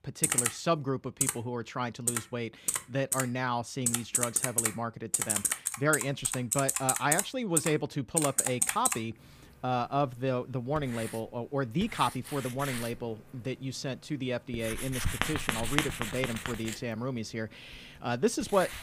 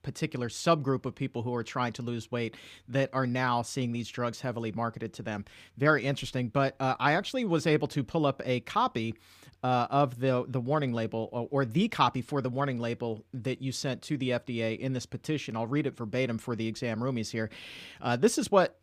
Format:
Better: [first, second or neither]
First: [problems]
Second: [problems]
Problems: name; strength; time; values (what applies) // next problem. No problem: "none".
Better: second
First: household noises; very loud; throughout; 2 dB above the speech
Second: none